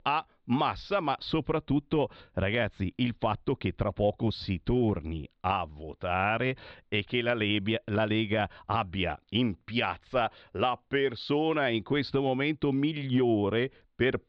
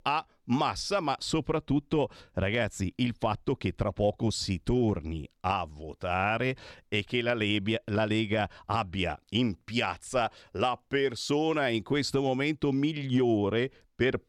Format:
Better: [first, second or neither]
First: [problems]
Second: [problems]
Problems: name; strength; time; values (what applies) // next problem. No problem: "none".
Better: second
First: muffled; slightly; fading above 4 kHz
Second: none